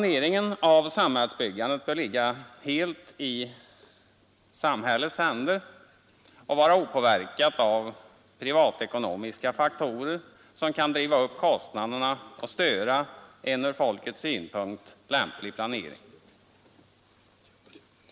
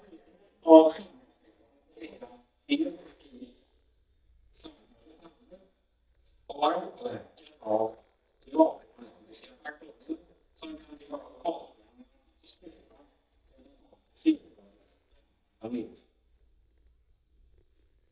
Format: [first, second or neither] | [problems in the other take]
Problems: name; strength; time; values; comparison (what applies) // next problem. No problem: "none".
first | noise reduction (neural mask model DeepFilterNet 3)